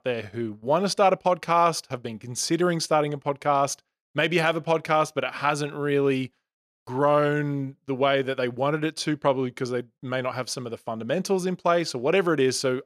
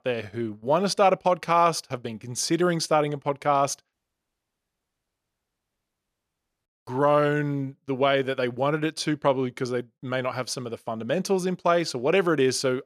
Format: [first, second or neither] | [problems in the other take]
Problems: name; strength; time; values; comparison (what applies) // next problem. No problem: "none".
first | audio cutting out; at 4 s for 2.5 s